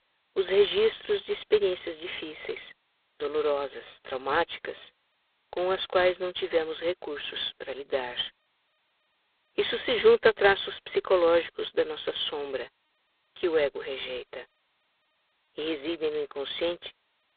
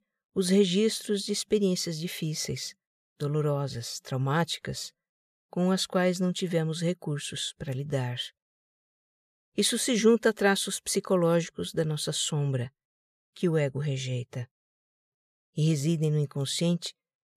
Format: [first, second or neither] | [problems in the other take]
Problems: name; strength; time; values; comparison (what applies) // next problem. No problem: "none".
second | phone-call audio; poor line; nothing above 3.5 kHz